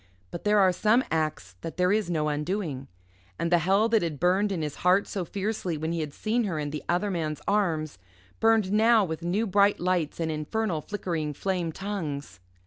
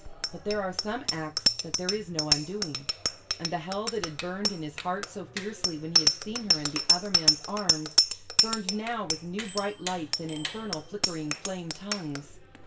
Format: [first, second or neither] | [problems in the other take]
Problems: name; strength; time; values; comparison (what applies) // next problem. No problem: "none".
first | background sound (Bicycle bell); 5 dB above the speech // room echo; dies away in 0.2 s